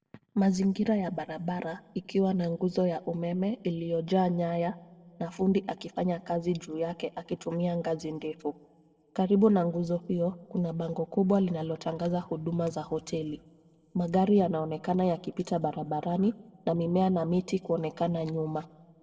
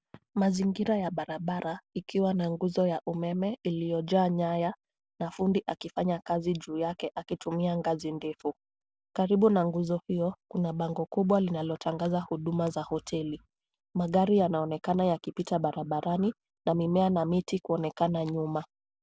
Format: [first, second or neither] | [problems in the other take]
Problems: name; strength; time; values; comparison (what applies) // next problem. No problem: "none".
second | room echo; dies away in 0.9 s